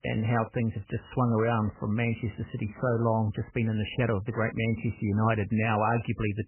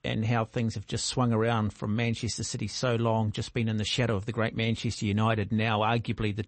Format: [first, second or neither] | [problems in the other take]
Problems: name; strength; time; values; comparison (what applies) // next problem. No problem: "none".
second | garbled, watery; badly; nothing above 3 kHz; slightly in the second